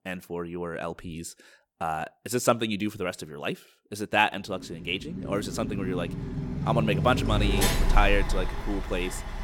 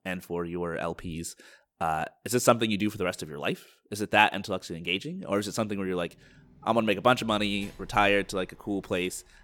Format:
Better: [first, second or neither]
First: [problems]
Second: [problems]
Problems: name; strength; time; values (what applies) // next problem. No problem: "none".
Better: second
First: traffic noise; loud; from 5 s on; 1 dB below the speech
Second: traffic noise; faint; from 5 s on; 25 dB below the speech